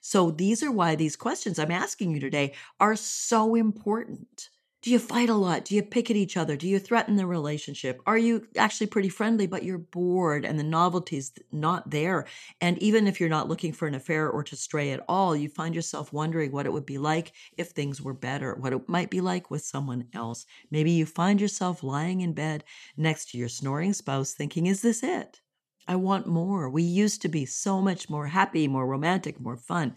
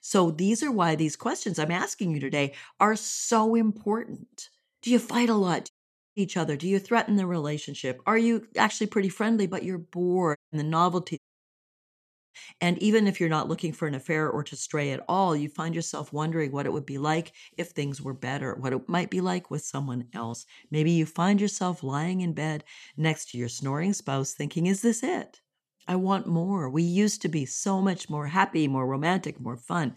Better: first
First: none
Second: audio cutting out; at 5.5 s, at 10 s and at 11 s for 1 s

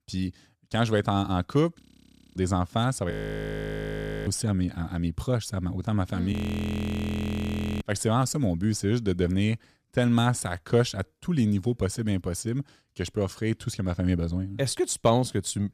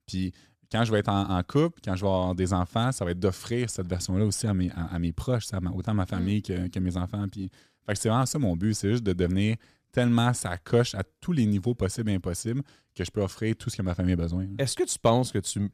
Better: second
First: audio freezing; at 2 s for 0.5 s, at 3 s for 1 s and at 6.5 s for 1.5 s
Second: none

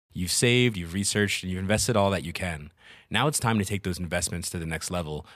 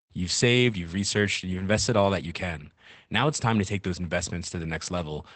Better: first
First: none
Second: garbled, watery; badly; nothing above 8 kHz

